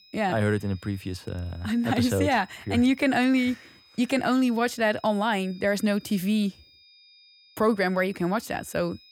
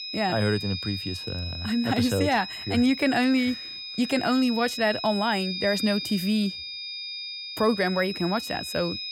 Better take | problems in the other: first | high-pitched whine; loud; throughout; 5 kHz, 7 dB below the speech; faint in the first

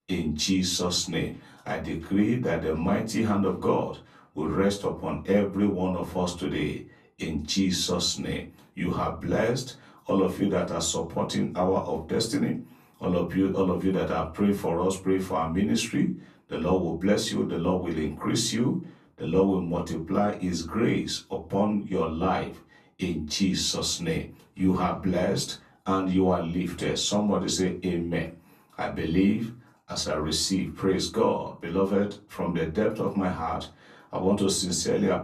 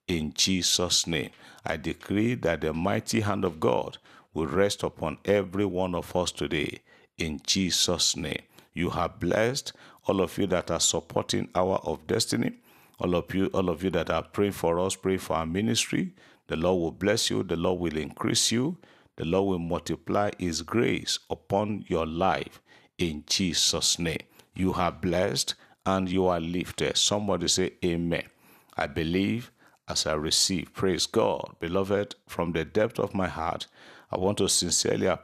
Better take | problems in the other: second | off-mic speech; far // room echo; very slight; dies away in 0.3 s

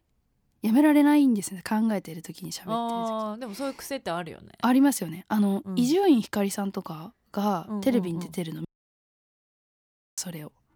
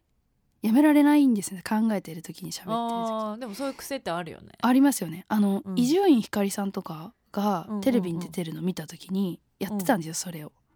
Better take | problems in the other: second | audio cutting out; at 8.5 s for 1.5 s

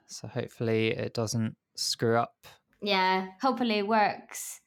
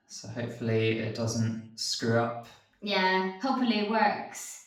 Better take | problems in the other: first | room echo; noticeable; dies away in 0.5 s // off-mic speech; far

